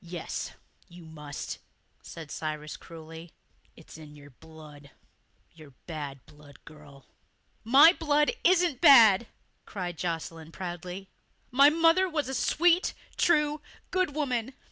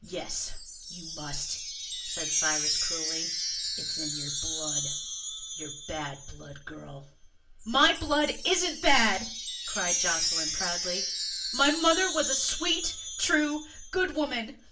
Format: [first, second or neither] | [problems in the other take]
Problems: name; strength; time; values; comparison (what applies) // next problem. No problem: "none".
first | background sound (Wind chime); 3 dB below the speech // room echo; dies away in 0.3 s